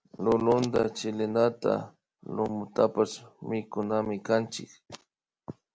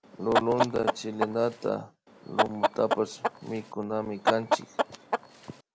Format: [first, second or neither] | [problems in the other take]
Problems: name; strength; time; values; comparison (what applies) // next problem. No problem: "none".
first | background sound (Chicken, rooster); 1 dB above the speech